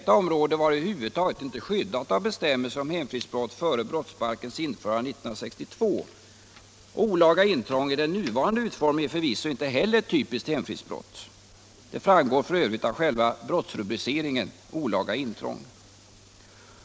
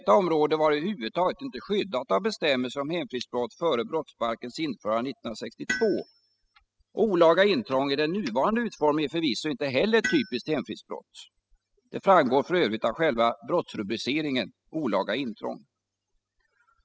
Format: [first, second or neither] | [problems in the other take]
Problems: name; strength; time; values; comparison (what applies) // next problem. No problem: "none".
first | noise reduction (classical method spectral subtraction)